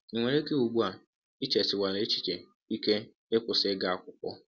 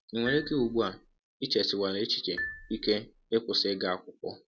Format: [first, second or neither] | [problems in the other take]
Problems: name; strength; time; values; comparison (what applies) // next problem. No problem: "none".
first | background sound (Marimba, xylophone); 12 dB below the speech